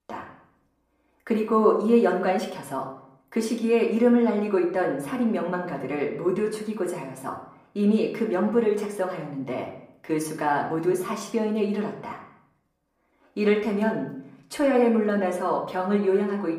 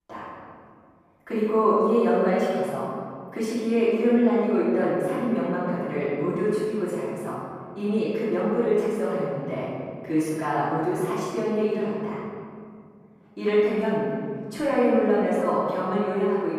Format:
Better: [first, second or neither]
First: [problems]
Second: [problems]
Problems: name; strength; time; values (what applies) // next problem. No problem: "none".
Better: first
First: room echo; slight; dies away in 0.6 s // off-mic speech; far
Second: room echo; strong; dies away in 2.3 s // off-mic speech; far